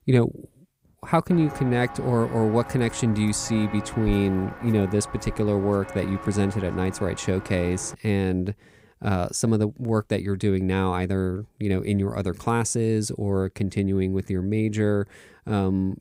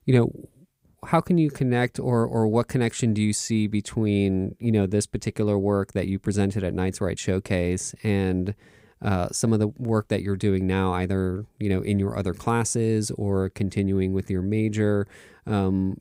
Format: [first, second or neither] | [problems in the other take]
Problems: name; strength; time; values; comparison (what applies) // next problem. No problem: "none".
second | footsteps; noticeable; from 1.5 to 8 s; peak 10 dB below the speech